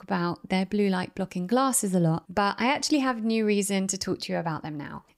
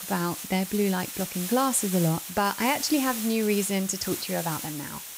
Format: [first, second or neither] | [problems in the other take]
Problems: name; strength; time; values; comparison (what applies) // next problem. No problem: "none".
first | hiss; loud; throughout; 7 dB below the speech